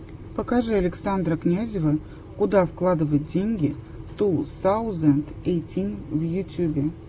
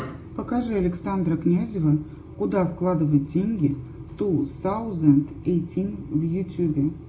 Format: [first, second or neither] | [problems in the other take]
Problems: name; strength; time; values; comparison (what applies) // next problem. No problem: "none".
first | room echo; dies away in 0.3 s